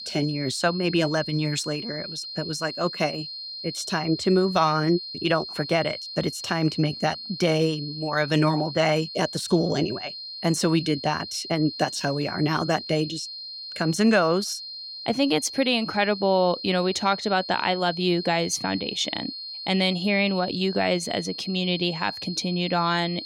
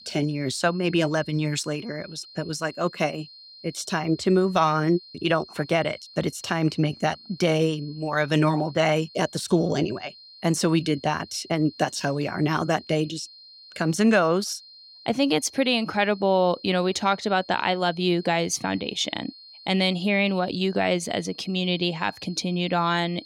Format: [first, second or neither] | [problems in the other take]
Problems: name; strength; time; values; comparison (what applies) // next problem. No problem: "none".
second | high-pitched whine; loud; throughout; 4 kHz, 9 dB below the speech; faint in the second